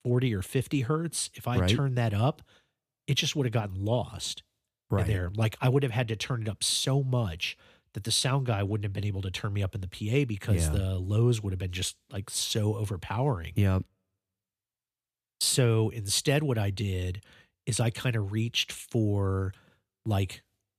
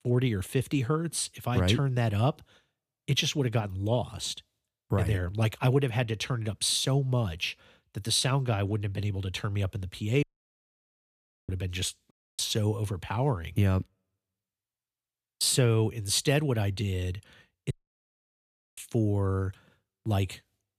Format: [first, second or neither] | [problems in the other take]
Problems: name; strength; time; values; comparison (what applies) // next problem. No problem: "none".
first | audio cutting out; at 10 s for 1.5 s, at 12 s and at 18 s for 1 s